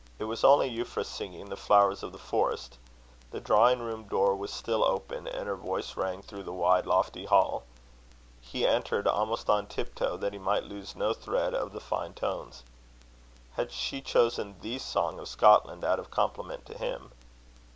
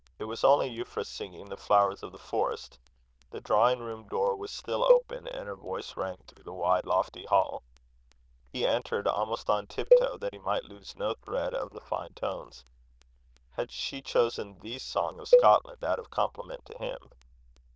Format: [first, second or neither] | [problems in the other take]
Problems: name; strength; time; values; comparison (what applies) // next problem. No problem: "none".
first | noise reduction (neural diffusion model UNIVERSE++)